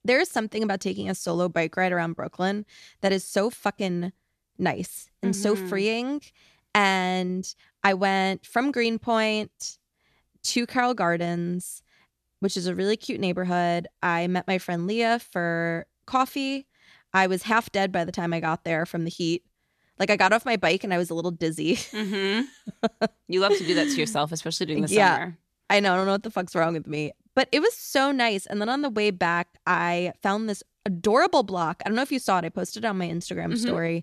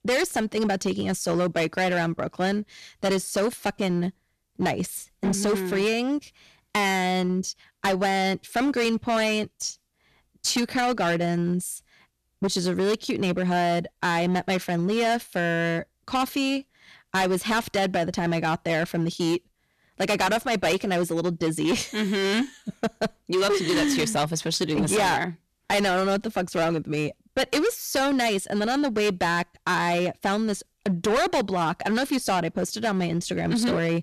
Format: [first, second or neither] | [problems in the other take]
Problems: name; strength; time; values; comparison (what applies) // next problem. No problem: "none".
first | distortion; heavy; 14% of the sound clipped